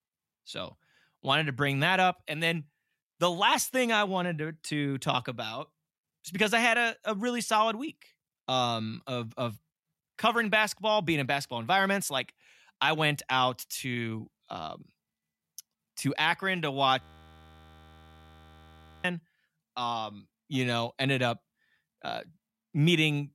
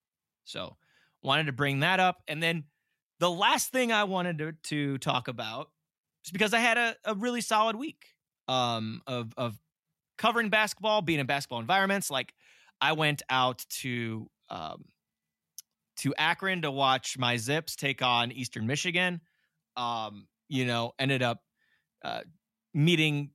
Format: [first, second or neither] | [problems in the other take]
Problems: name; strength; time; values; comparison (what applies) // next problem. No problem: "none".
second | audio freezing; at 17 s for 2 s